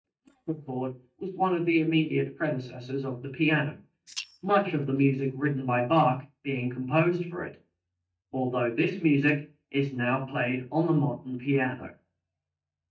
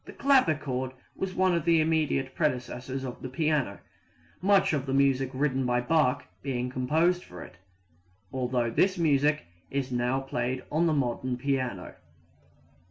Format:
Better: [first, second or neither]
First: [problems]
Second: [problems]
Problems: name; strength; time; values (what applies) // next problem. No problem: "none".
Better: second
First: noise reduction (neural mask model DeepFilterNet 3)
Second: none